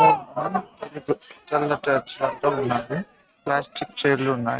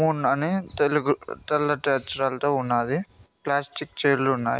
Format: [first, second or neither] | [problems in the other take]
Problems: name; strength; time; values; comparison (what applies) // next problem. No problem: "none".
second | noise reduction (neural mask model RNNoise)